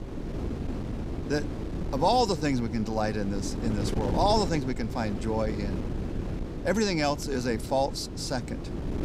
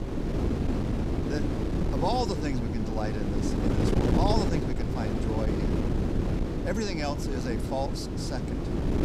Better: first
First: wind noise on the microphone; occasional gusts; 10 dB below the speech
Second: wind noise on the microphone; heavy; 1 dB below the speech

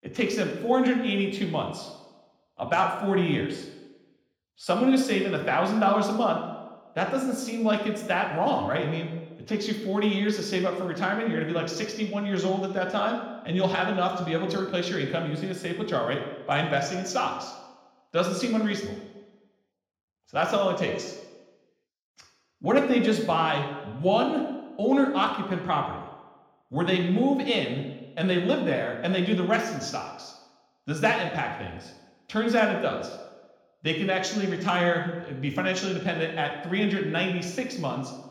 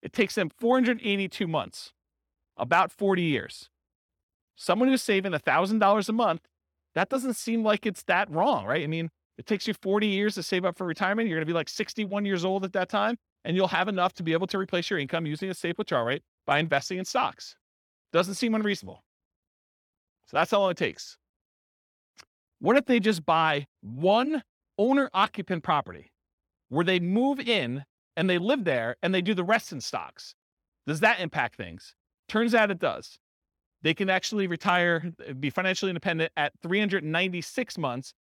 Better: second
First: room echo; noticeable; dies away in 0.9 s // off-mic speech; somewhat distant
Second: none

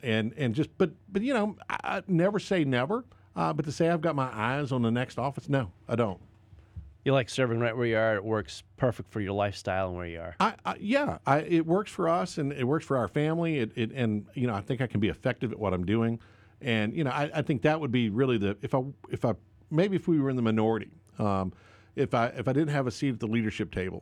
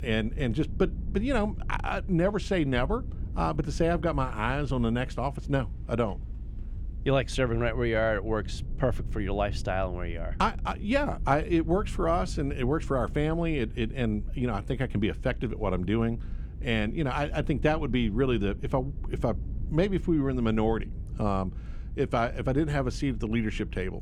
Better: first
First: none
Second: low rumble; faint; throughout; 20 dB below the speech

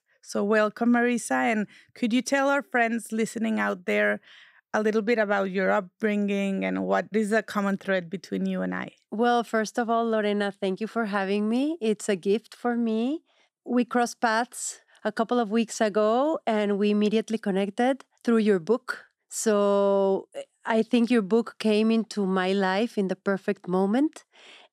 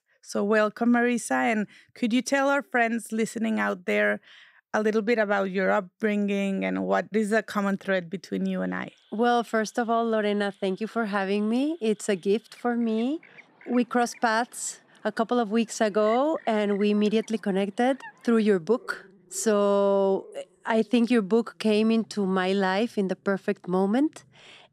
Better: first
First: none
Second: animal sounds; faint; from 8.5 s on; 25 dB below the speech

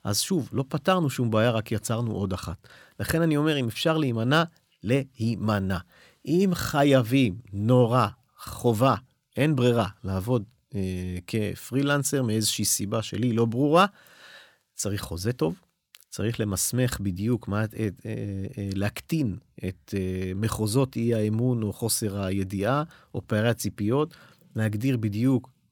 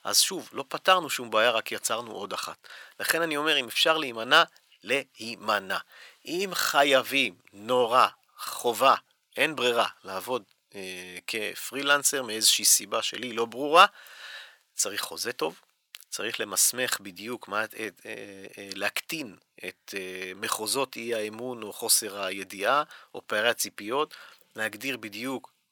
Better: first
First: none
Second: thin; very; fading below 650 Hz

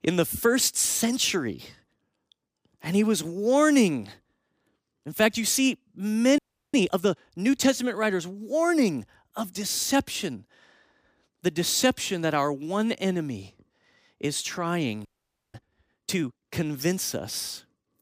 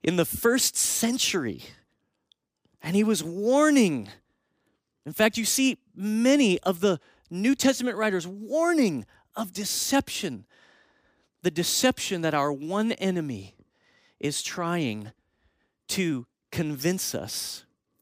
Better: second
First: audio freezing; at 6.5 s and at 15 s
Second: none

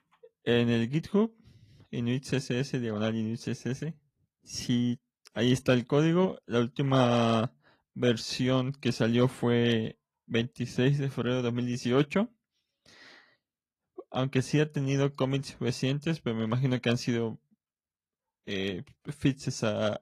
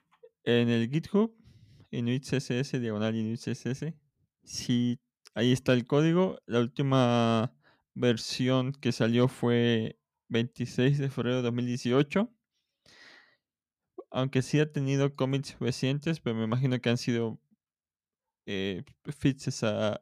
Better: second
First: garbled, watery; slightly; nothing above 14.5 kHz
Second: none

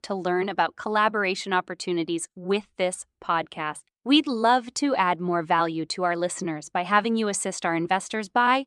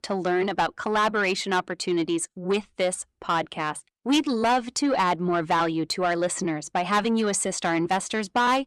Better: first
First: none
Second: distortion; slight; 10 dB below the speech

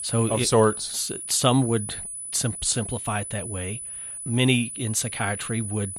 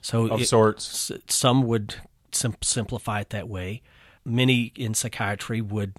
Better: second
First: high-pitched whine; loud; throughout; 10 kHz, 8 dB below the speech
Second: none

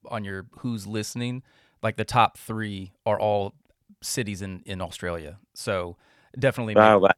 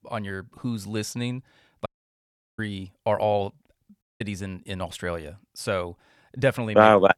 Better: first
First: none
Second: audio cutting out; at 2 s for 0.5 s and at 4 s

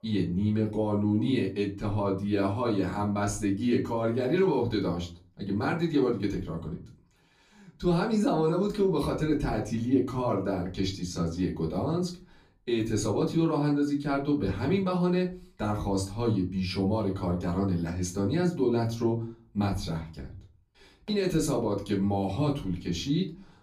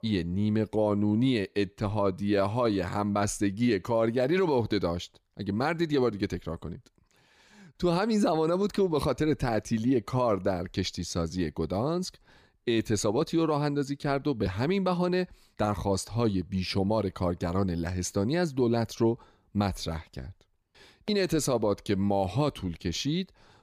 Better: second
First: off-mic speech; far // room echo; very slight; dies away in 0.3 s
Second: none

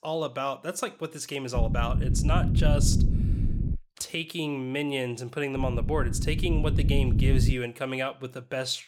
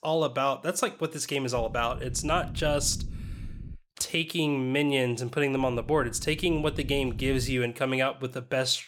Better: second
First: low rumble; loud; from 1.5 to 4 s and from 5.5 to 7.5 s; 8 dB below the speech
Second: low rumble; faint; from 1.5 to 4 s and from 5.5 to 7.5 s; 25 dB below the speech

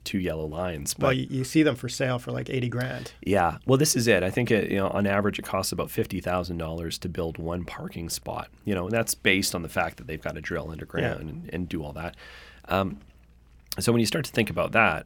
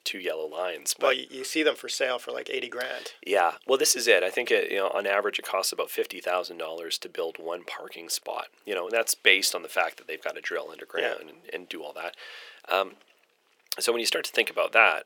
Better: first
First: none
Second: thin; very; fading below 400 Hz

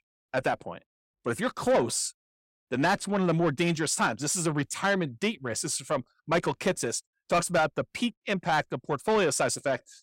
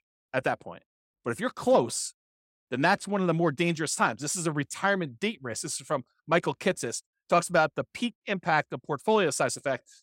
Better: second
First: distortion; slight; 10 dB below the speech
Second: none

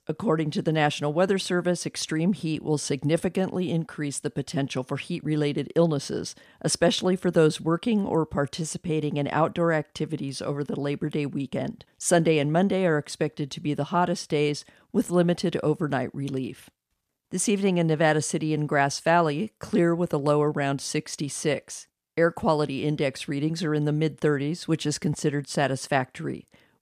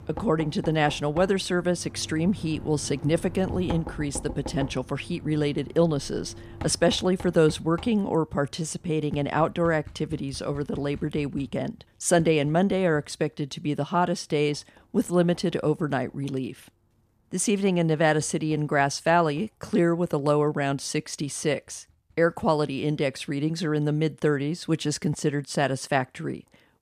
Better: first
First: none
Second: household noises; noticeable; throughout; 15 dB below the speech

